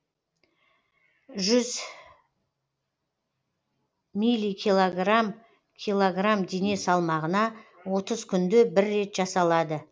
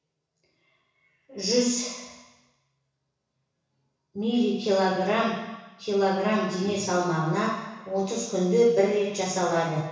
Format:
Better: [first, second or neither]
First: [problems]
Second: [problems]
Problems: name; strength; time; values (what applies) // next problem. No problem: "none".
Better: first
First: none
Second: room echo; dies away in 1.1 s